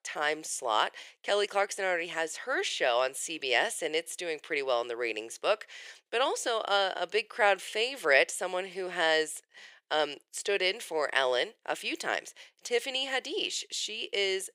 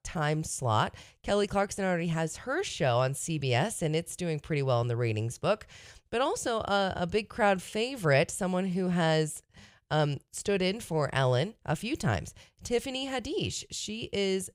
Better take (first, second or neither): second